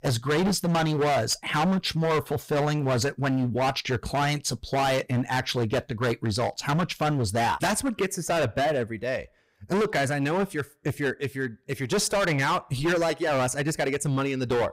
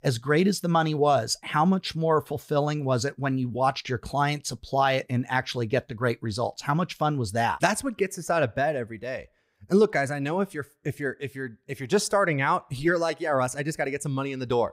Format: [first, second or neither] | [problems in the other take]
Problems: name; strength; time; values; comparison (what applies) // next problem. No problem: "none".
second | distortion; heavy; 20% of the sound clipped